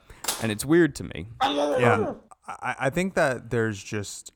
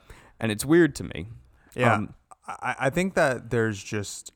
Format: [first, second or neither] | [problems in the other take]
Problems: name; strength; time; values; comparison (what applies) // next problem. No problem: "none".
second | clattering dishes; noticeable; at the start; peak 4 dB below the speech // dog barking; loud; at 1.5 s; peak 2 dB above the speech